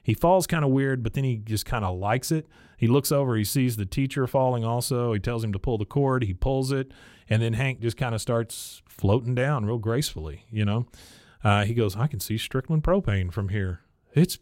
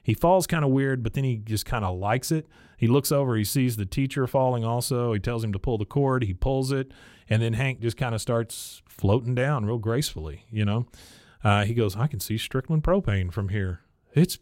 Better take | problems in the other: neither | none

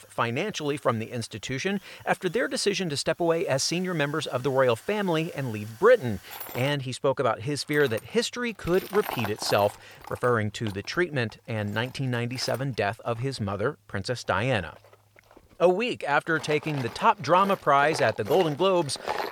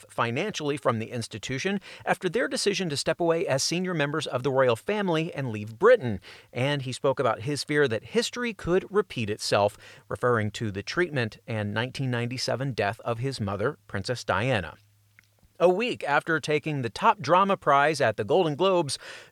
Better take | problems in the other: second | machinery noise; noticeable; throughout; 15 dB below the speech

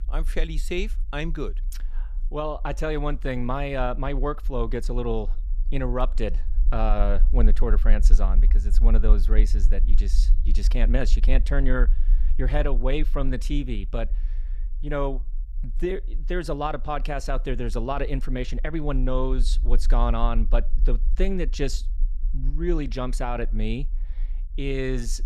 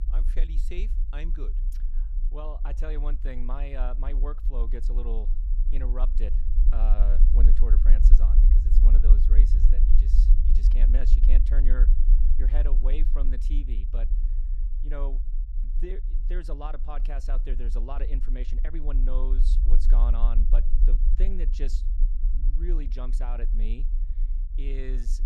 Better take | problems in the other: first | low rumble; loud; throughout; 7 dB below the speech; faint in the first

